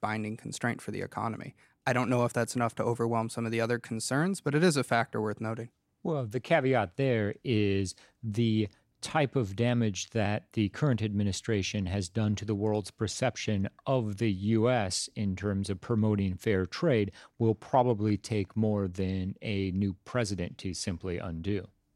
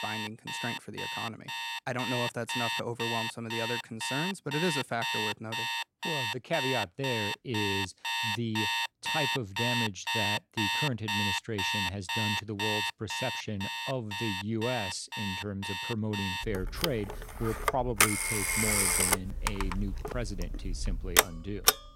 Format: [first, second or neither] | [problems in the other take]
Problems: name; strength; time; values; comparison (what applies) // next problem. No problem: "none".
first | alarms or sirens; very loud; throughout; 5 dB above the speech